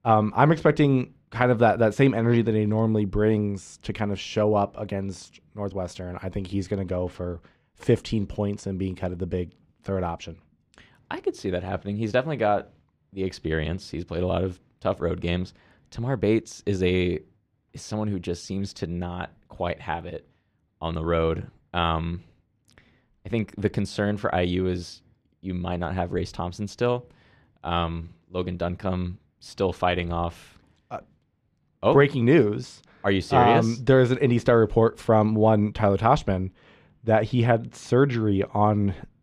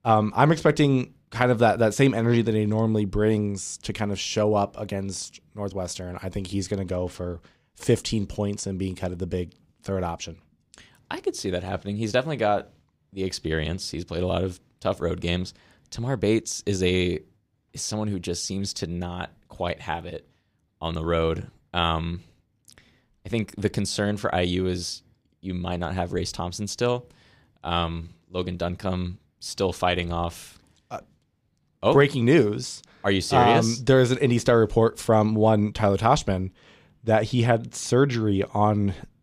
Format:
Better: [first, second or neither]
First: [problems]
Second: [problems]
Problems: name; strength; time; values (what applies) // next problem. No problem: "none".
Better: second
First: muffled; slightly; fading above 4 kHz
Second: none